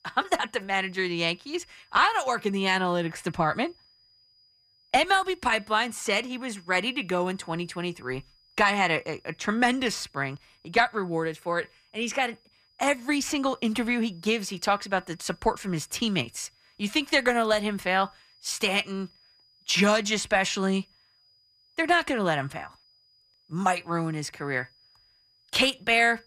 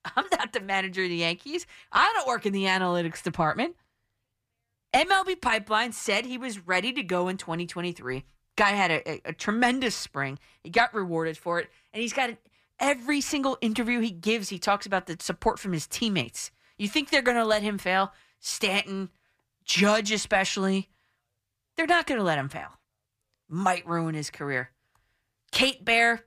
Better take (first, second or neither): second